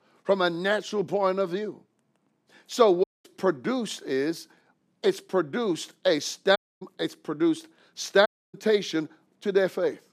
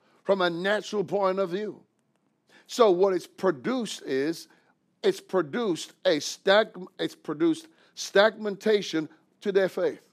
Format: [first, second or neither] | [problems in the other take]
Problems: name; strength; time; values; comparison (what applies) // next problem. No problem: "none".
second | audio cutting out; at 3 s, at 6.5 s and at 8.5 s